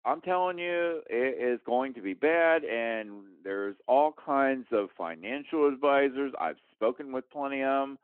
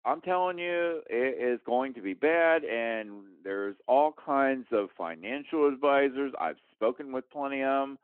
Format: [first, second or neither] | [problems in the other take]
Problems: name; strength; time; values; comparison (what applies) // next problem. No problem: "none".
neither | phone-call audio; the same in both